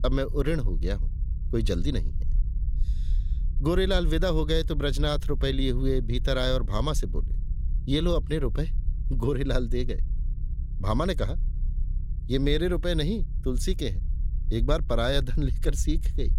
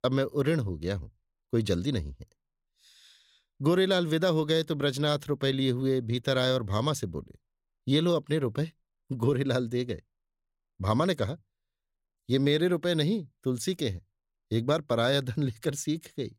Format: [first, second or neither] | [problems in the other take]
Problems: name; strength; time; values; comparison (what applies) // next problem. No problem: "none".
second | low rumble; faint; throughout; 20 dB below the speech